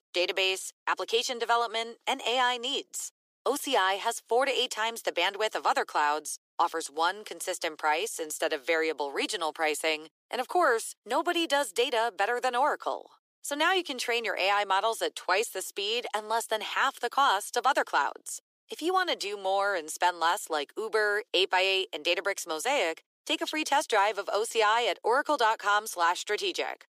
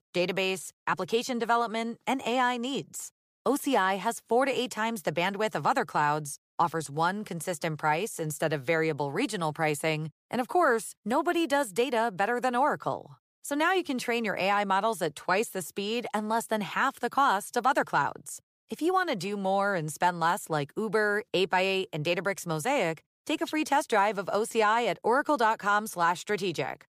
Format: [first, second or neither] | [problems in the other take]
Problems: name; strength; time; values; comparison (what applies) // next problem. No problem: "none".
second | thin; somewhat; fading below 350 Hz